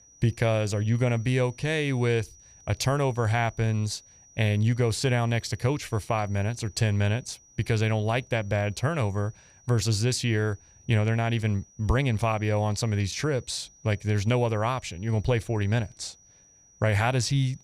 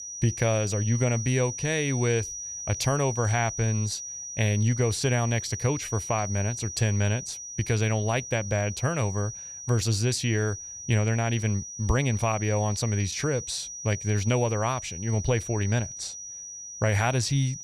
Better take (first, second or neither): first